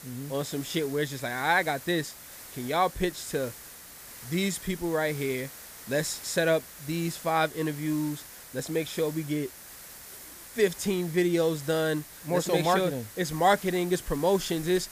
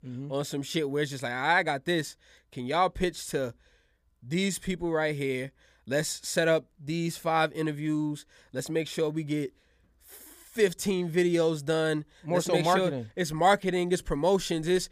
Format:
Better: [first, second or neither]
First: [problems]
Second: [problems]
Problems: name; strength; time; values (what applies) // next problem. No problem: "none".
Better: second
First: hiss; noticeable; throughout; 15 dB below the speech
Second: none